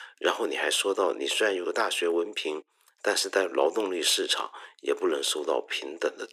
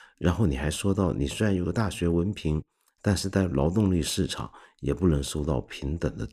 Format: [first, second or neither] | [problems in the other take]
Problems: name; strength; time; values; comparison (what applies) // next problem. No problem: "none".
second | thin; very; fading below 350 Hz